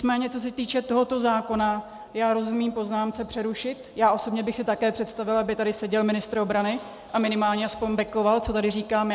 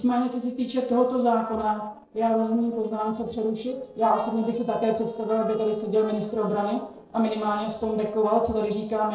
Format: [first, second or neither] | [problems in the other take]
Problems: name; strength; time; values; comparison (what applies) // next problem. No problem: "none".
first | noise reduction (neural separator model SepFormer DNS4)